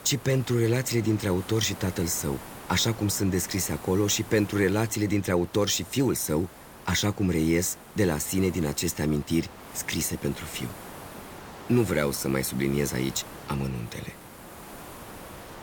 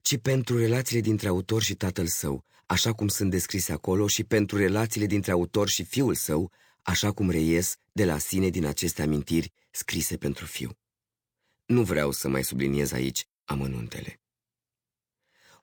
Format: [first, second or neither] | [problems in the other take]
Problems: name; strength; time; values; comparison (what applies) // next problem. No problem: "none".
second | hiss; noticeable; throughout; 15 dB below the speech